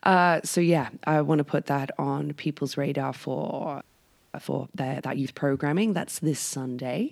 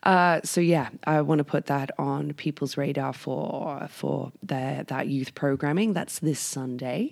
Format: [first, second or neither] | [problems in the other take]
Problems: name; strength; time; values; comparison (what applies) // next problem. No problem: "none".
second | audio freezing; at 4 s for 0.5 s